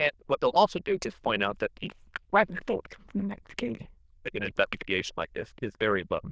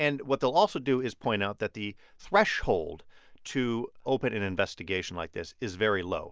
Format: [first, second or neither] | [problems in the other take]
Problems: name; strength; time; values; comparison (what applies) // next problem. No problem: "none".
second | noise reduction (neural diffusion model UNIVERSE++)